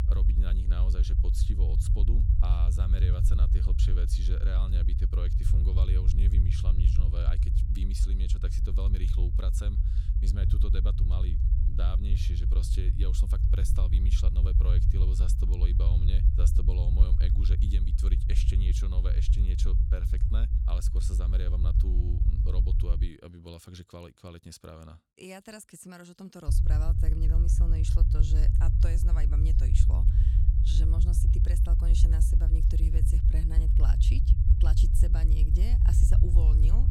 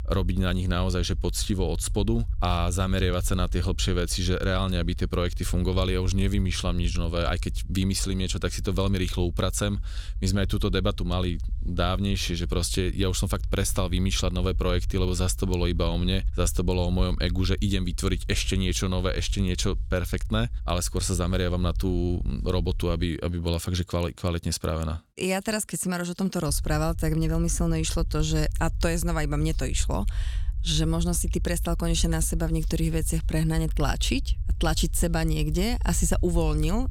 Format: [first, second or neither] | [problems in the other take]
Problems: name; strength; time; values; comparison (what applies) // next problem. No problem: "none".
second | low rumble; loud; until 23 s and from 26 s on; as loud as the speech; faint in the second